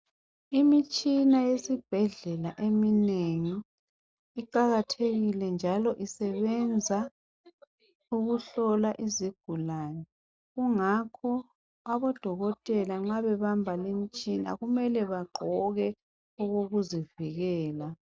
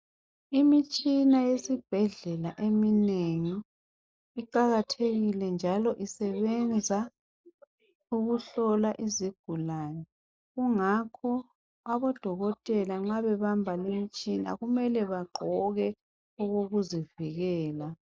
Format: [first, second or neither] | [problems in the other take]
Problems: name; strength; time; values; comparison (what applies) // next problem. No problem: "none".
first | noise reduction (neural mask model Resemble Enhance denoiser)